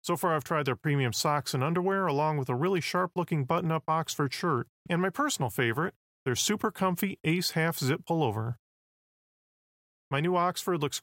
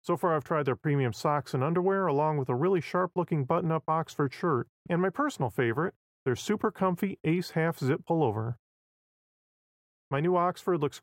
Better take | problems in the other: first | muffled; slightly; fading above 2.5 kHz

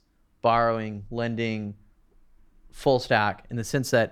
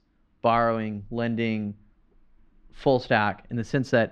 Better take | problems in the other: first | muffled; very slightly; fading above 3 kHz

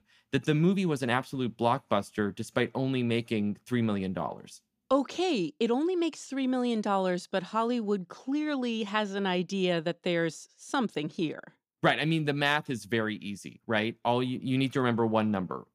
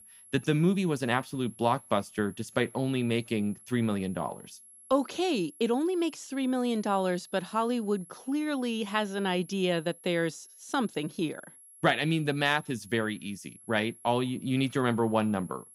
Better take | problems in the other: first | high-pitched whine; faint; throughout; 11 kHz, 20 dB below the speech

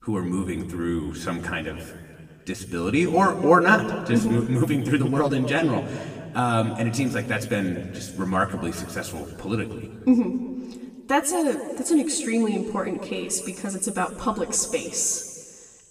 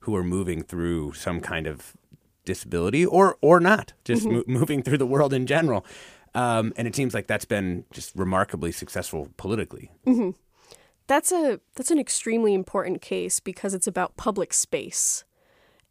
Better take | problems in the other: second | room echo; slight; dies away in 1.7 s // off-mic speech; somewhat distant

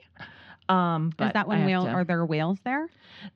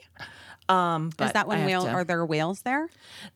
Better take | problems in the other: second | muffled; very slightly; fading above 4 kHz

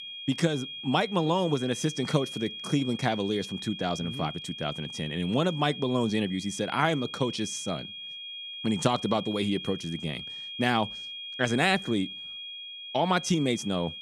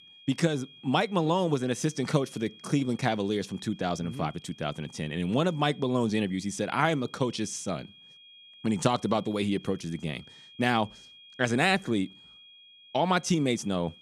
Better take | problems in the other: second | high-pitched whine; loud; throughout; 3.5 kHz, 9 dB below the speech; faint in the second

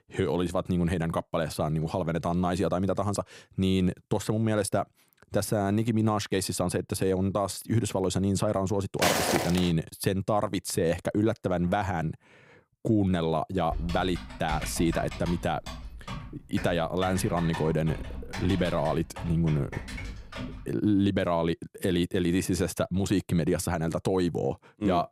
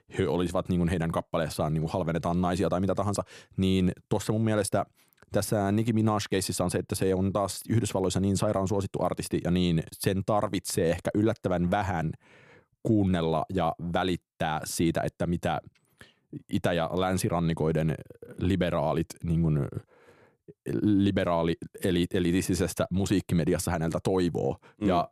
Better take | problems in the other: second | footsteps; loud; at 9 s; peak 3 dB above the speech // keyboard typing; noticeable; from 14 to 21 s; peak 9 dB below the speech

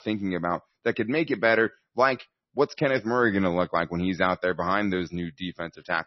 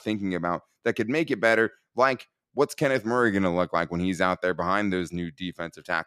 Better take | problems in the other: second | garbled, watery; slightly; nothing above 6 kHz

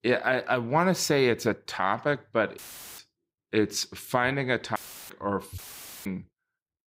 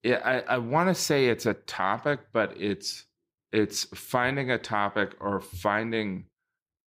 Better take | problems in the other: second | audio cutting out; filled with static; at 2.5 s, at 5 s and at 5.5 s

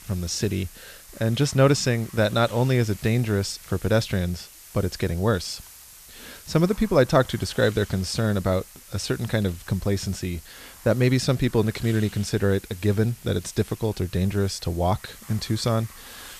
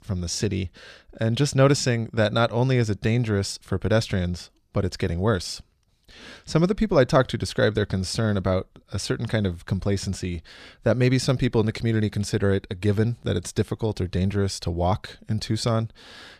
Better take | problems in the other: second | hiss; noticeable; throughout; 20 dB below the speech

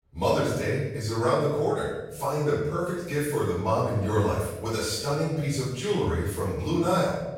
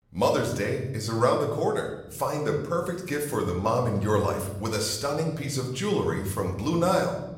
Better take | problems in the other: second | room echo; strong; dies away in 1 s; slight in the second // off-mic speech; far; somewhat distant in the second

